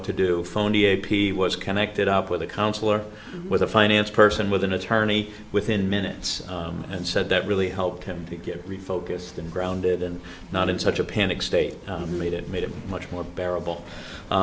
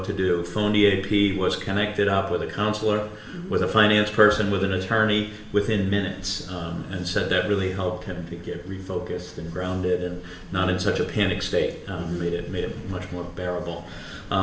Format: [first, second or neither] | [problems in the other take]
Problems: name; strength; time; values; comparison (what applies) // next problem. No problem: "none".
first | room echo; dies away in 1.2 s